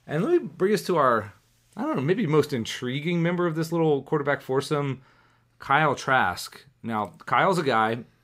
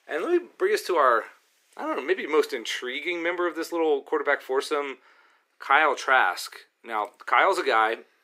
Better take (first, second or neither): first